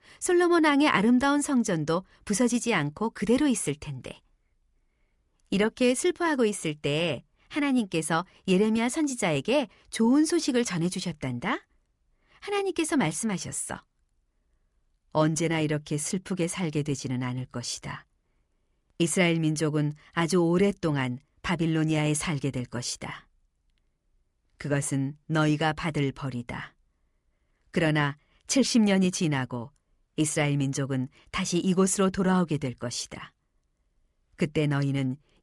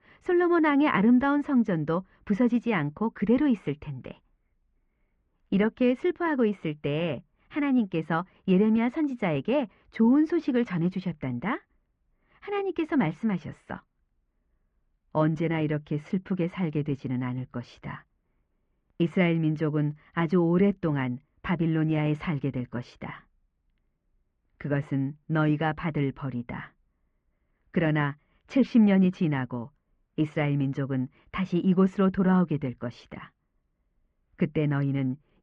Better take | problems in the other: first | muffled; very; fading above 2.5 kHz

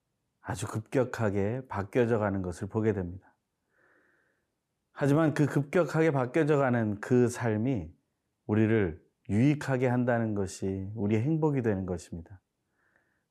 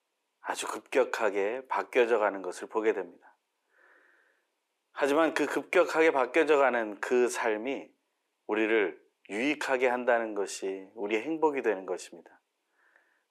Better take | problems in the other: first | thin; very; fading below 350 Hz

